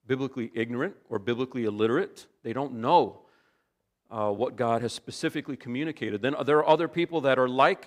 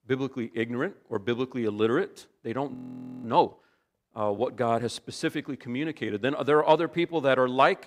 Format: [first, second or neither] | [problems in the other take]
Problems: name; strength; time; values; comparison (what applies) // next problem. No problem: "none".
first | audio freezing; at 2.5 s for 0.5 s